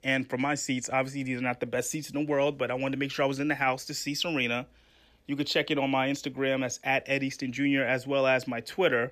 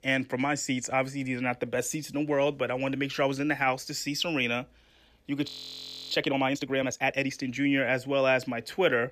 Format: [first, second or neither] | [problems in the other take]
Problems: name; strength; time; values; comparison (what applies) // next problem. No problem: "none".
first | audio freezing; at 5.5 s for 0.5 s